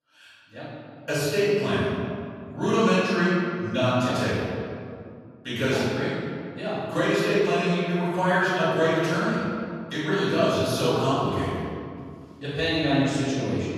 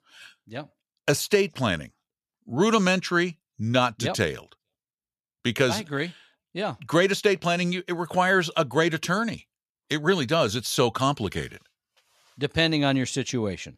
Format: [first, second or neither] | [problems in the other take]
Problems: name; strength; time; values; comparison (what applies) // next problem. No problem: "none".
second | off-mic speech; far // room echo; strong; dies away in 2.2 s